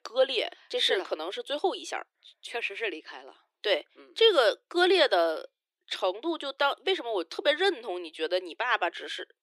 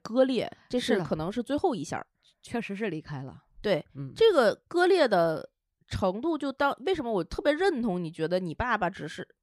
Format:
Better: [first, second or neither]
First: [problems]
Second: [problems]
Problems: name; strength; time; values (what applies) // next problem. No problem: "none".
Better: second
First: thin; very; fading below 350 Hz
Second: none